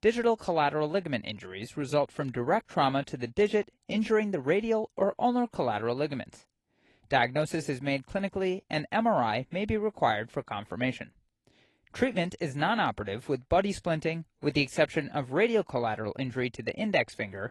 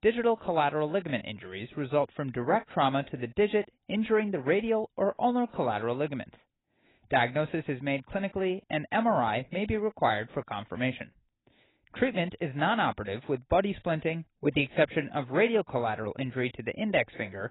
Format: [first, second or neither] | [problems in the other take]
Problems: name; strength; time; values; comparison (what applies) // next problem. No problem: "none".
first | garbled, watery; badly; nothing above 4 kHz; slightly in the first